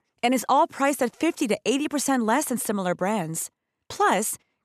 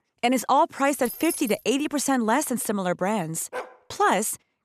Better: first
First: none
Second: jangling keys; noticeable; at 1 s; peak 8 dB below the speech // dog barking; faint; at 3.5 s; peak 10 dB below the speech

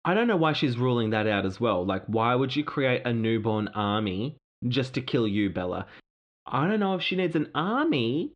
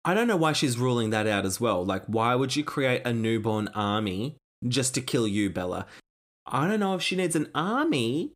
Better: second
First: muffled; slightly; fading above 3.5 kHz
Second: none

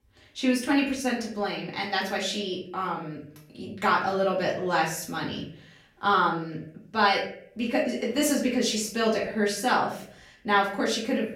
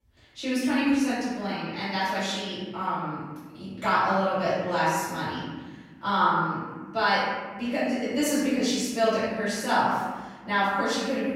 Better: first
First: room echo; slight; dies away in 0.5 s // off-mic speech; far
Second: room echo; strong; dies away in 1.3 s // off-mic speech; far

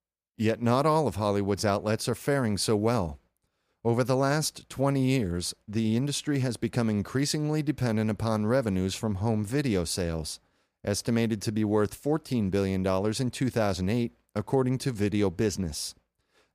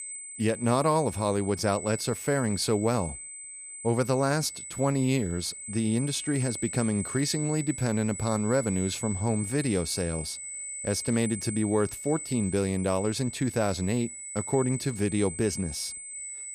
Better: first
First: none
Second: high-pitched whine; loud; throughout; 8 kHz, 8 dB below the speech

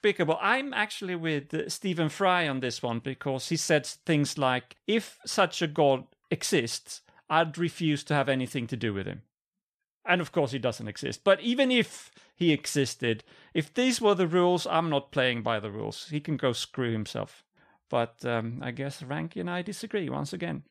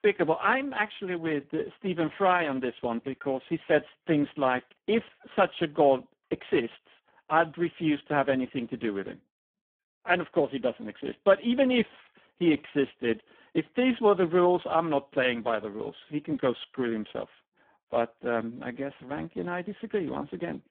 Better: first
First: none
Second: phone-call audio; poor line

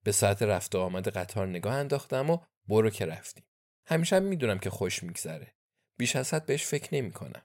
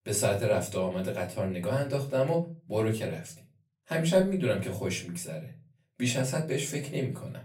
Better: first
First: none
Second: off-mic speech; far // room echo; very slight; dies away in 0.3 s

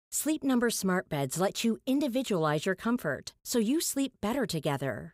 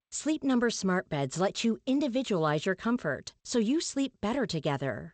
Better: first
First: none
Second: garbled, watery; slightly; nothing above 8 kHz

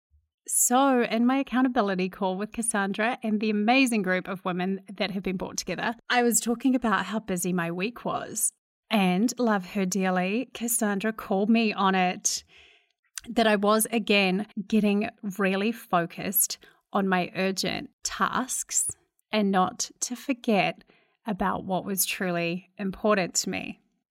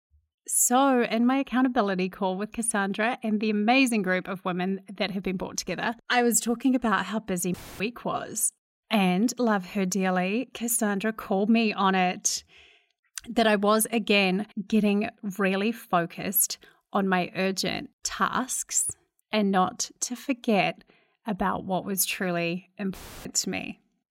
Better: first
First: none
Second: audio cutting out; filled with static; at 7.5 s and at 23 s

